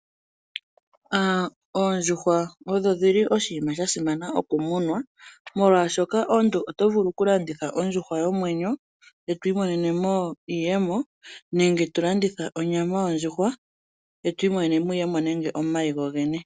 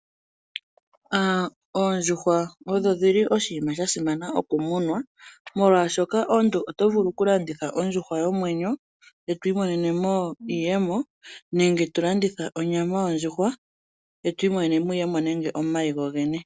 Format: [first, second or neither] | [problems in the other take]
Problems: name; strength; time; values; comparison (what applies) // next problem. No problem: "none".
first | background sound (Brass instrument); 16 dB below the speech